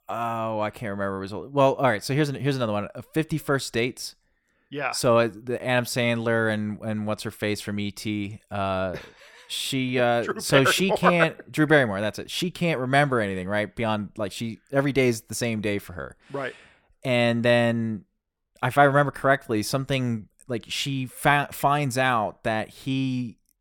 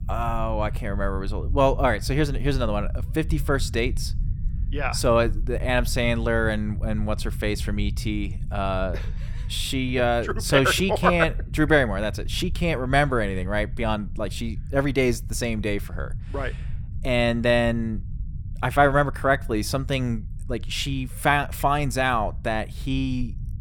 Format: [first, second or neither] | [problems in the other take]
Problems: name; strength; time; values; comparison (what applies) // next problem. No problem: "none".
first | low rumble; faint; throughout; 25 dB below the speech